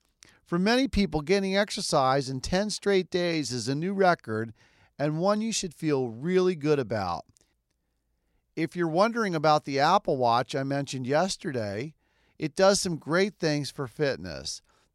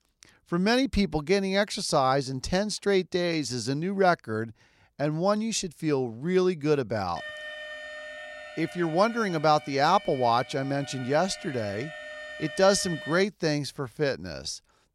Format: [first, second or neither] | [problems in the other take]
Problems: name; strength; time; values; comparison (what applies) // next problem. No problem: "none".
first | alarm; faint; from 7 to 13 s; peak 10 dB below the speech